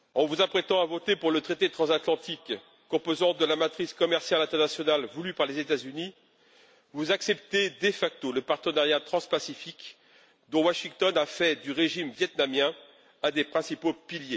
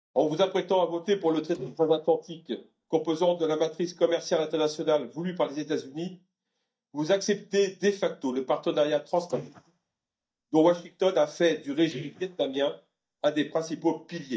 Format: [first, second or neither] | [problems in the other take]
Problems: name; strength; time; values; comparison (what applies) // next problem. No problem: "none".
first | noise reduction (neural mask model DeepFilterNet 3)